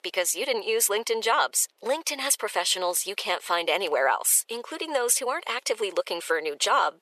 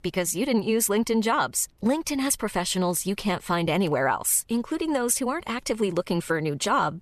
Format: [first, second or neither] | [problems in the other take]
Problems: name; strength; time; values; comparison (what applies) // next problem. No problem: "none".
second | thin; very; fading below 450 Hz